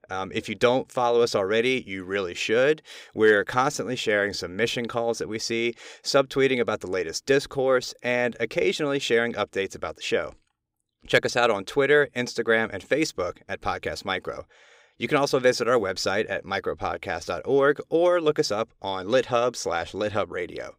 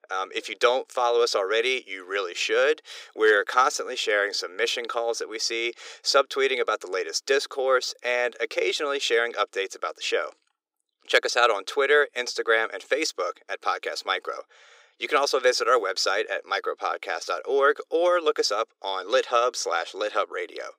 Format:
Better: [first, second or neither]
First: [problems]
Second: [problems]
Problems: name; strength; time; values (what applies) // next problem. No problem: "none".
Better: first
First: none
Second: thin; very; fading below 350 Hz